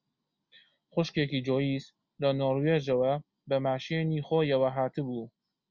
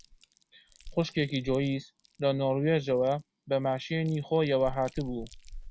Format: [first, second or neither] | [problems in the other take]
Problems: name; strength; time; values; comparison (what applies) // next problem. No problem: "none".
first | background sound (Chewing, mastication); 17 dB below the speech